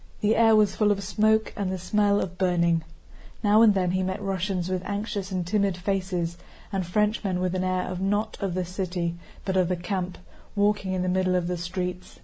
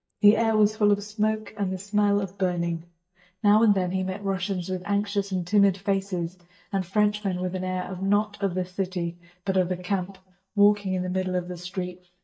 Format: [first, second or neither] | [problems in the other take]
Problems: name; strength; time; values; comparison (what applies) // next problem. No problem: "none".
first | noise reduction (neural mask model DeepFilterNet 3)